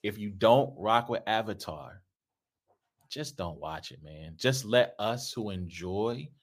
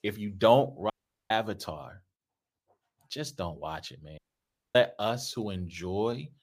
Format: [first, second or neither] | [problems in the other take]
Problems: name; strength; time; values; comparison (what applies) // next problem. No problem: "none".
first | audio cutting out; at 1 s and at 4 s for 0.5 s